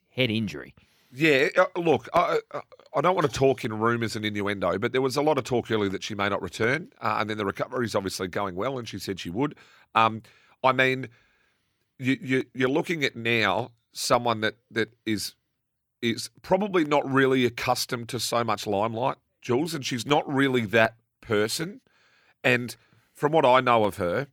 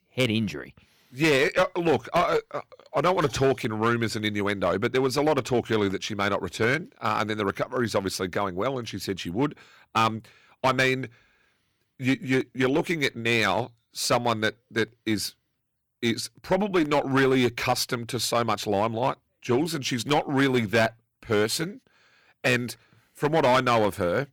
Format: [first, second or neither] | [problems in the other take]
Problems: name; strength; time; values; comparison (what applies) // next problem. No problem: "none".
first | distortion; slight; 5% of the sound clipped